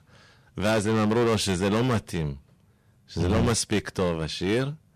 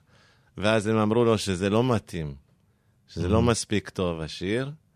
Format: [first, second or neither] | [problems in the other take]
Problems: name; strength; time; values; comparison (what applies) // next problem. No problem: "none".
second | distortion; heavy; 13% of the sound clipped